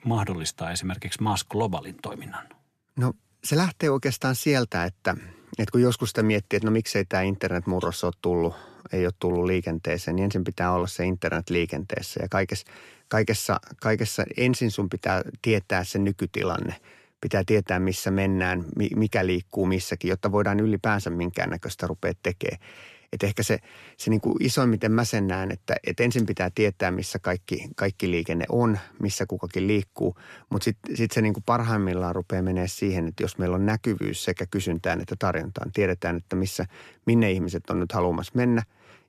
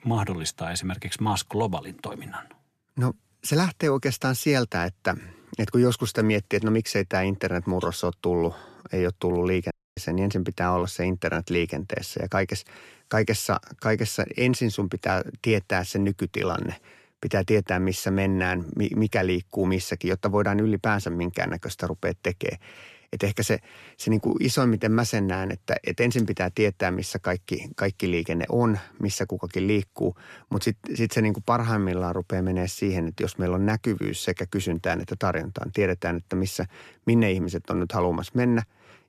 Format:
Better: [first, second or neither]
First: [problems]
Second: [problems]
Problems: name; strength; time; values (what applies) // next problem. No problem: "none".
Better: first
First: none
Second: audio cutting out; at 9.5 s